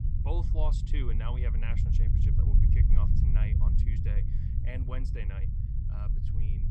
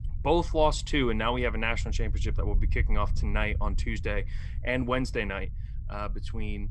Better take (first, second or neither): second